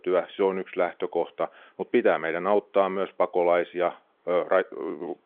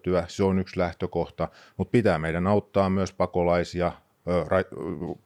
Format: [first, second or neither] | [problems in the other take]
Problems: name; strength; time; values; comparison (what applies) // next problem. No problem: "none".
second | phone-call audio; nothing above 3.5 kHz